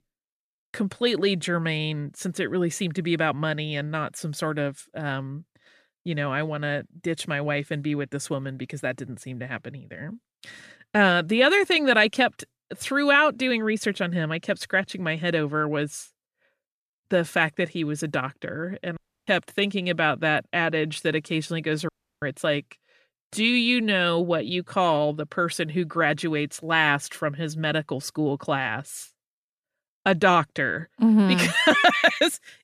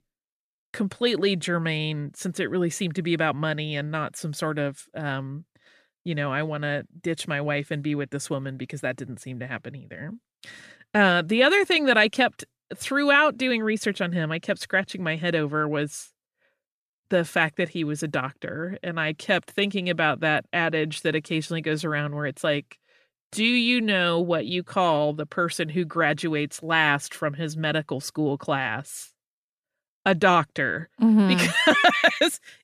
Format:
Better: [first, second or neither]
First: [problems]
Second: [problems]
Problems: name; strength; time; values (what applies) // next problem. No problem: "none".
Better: second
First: audio cutting out; at 19 s and at 22 s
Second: none